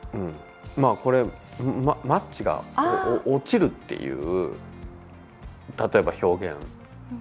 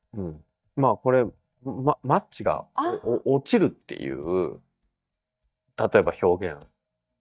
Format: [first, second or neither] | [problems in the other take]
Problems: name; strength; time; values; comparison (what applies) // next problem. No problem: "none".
first | noise reduction (neural mask model DeepFilterNet 3)